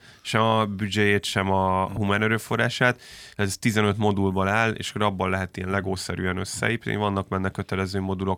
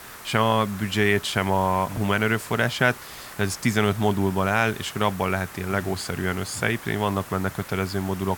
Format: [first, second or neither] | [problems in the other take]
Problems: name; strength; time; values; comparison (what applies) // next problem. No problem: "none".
first | hiss; noticeable; throughout; 15 dB below the speech